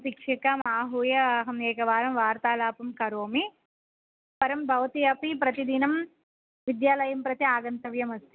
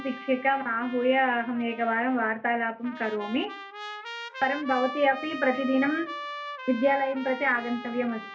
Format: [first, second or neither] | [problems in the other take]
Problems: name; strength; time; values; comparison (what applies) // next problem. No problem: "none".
first | background sound (Trumpet); 12 dB below the speech // room echo; dies away in 0.3 s